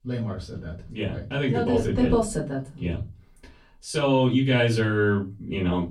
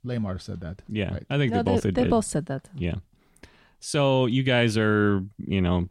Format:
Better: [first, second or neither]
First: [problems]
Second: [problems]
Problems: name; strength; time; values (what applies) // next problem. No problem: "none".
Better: second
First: off-mic speech; far // room echo; very slight; dies away in 0.2 s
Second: none